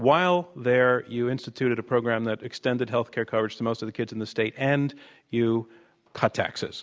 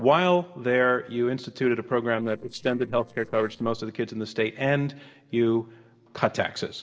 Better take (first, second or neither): first